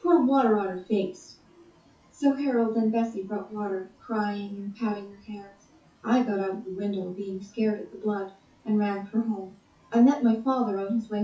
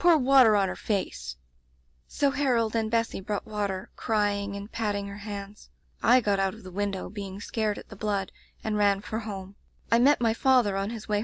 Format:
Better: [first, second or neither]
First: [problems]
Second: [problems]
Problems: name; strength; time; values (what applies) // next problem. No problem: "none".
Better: second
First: noise reduction (classical method WPE with log-MMSE)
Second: none